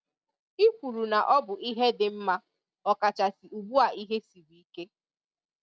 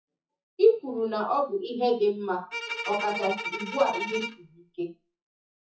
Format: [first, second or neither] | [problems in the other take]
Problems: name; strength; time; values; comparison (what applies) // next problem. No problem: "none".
first | noise reduction (classical method WPE with log-MMSE)